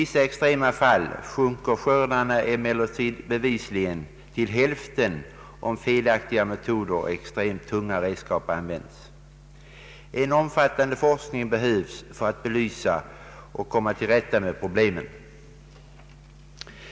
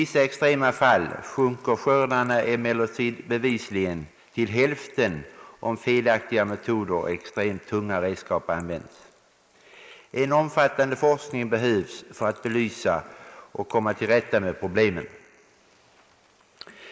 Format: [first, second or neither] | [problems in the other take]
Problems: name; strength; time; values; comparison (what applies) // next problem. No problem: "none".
first | noise reduction (neural mask model Resemble Enhance denoiser)